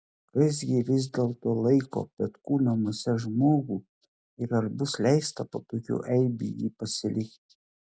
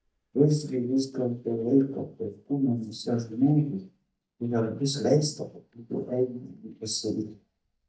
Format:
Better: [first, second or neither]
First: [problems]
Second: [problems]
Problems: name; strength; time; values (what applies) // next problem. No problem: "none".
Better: first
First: none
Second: noise reduction (neural mask model DeepFilterNet 3)